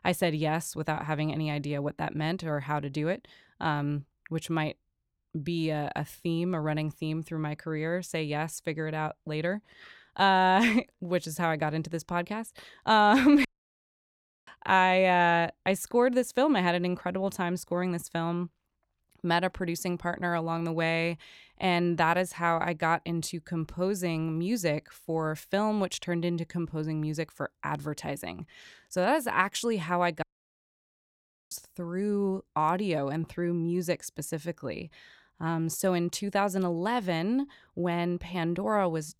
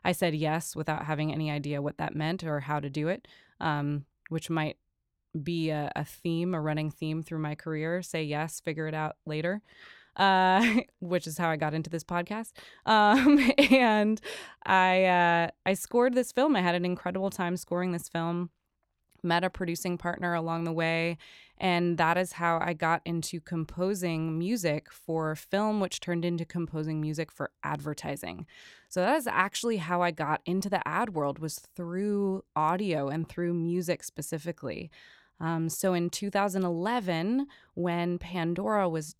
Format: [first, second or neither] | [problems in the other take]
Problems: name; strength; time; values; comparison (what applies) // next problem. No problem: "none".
second | audio cutting out; at 13 s for 1 s and at 30 s for 1.5 s